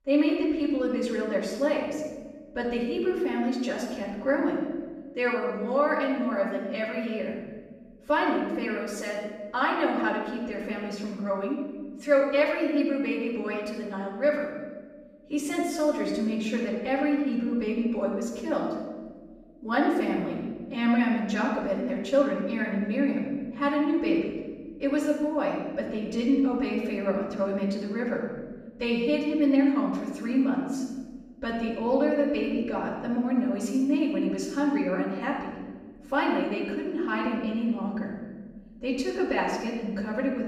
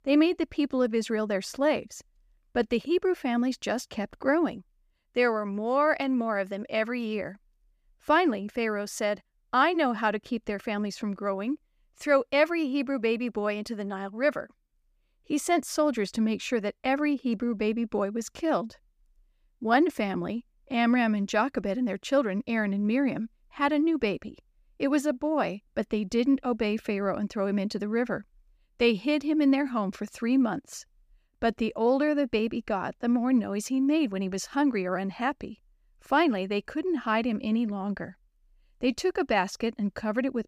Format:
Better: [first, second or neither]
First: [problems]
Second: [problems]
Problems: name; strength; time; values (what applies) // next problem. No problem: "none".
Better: second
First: off-mic speech; far // room echo; noticeable; dies away in 1.3 s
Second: none